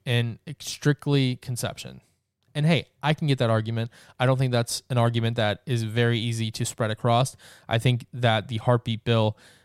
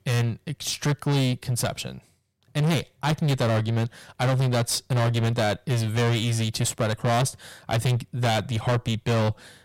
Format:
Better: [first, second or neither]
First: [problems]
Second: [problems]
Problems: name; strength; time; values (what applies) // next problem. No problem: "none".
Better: first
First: none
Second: distortion; heavy; 21% of the sound clipped